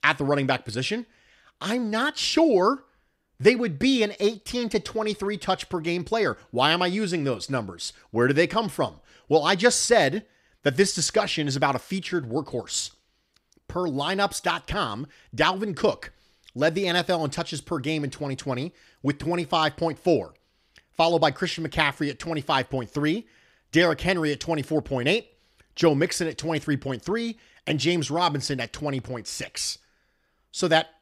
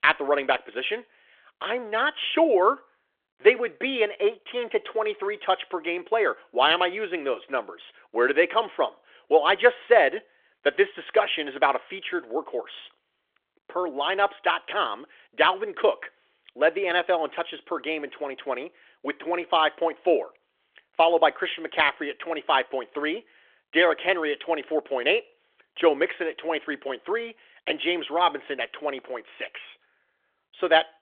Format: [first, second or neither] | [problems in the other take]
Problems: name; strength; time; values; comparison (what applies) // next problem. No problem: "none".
first | phone-call audio; nothing above 3.5 kHz